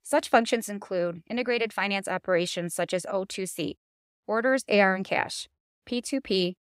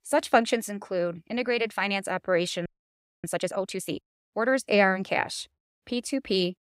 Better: first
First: none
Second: audio freezing; at 2.5 s for 0.5 s

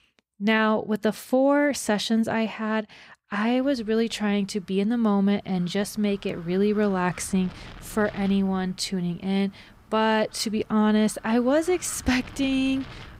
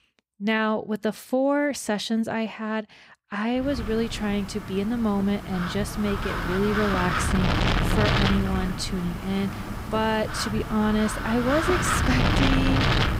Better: first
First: wind noise on the microphone; occasional gusts; from 3.5 s on; 20 dB below the speech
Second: wind noise on the microphone; heavy; from 3.5 s on; 1 dB above the speech

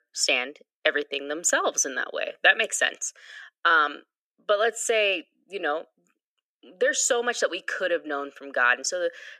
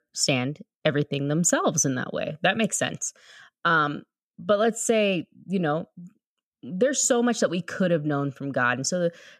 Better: second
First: thin; very; fading below 350 Hz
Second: none

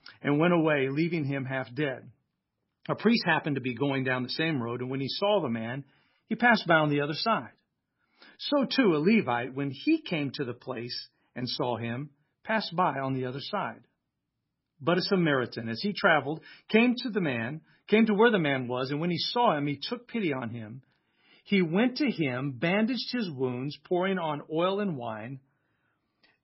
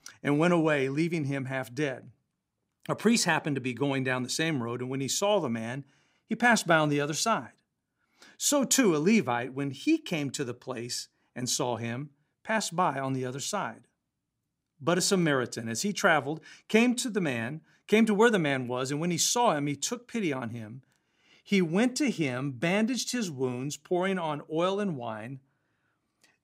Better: second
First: garbled, watery; badly; nothing above 5.5 kHz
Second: none

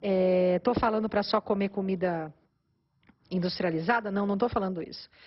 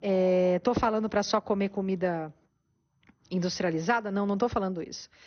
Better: second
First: garbled, watery; badly; nothing above 5.5 kHz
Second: garbled, watery; slightly; nothing above 6.5 kHz

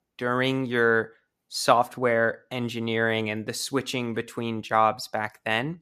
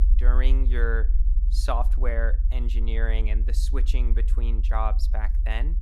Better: first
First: none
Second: low rumble; noticeable; throughout; 15 dB below the speech

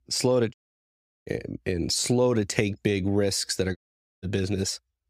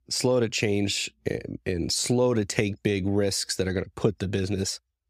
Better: second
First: audio cutting out; at 0.5 s for 0.5 s and at 4 s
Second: none

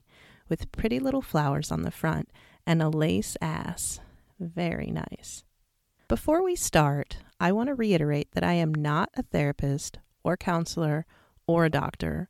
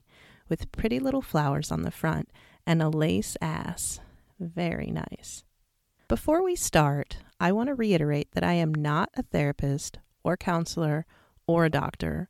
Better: neither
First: none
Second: none

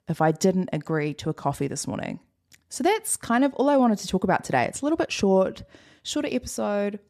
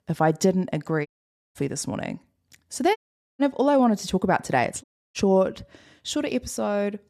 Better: first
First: none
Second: audio cutting out; at 1 s, at 3 s and at 5 s

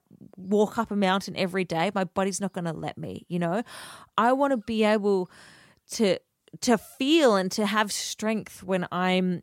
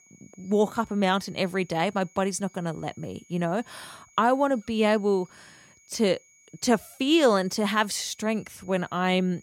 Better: first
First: none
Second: high-pitched whine; faint; throughout; 6.5 kHz, 30 dB below the speech

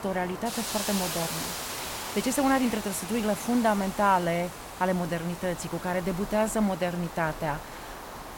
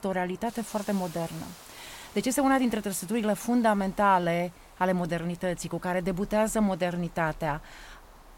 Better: second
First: hiss; loud; throughout; 7 dB below the speech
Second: hiss; faint; throughout; 20 dB below the speech

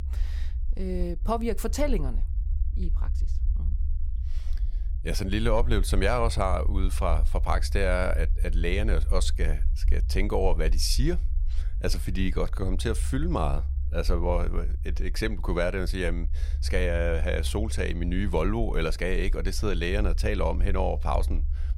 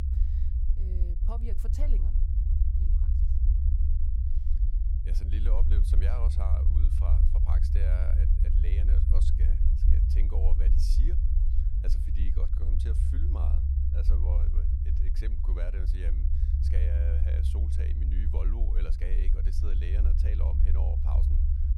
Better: first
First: low rumble; faint; throughout; 20 dB below the speech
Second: low rumble; loud; throughout; as loud as the speech

